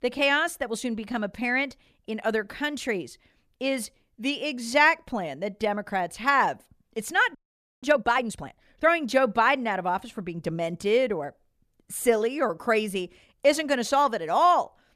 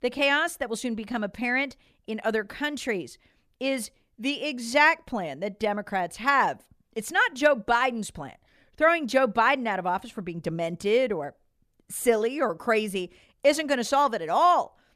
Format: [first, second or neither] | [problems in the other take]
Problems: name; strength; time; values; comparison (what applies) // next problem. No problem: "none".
second | audio freezing; at 7.5 s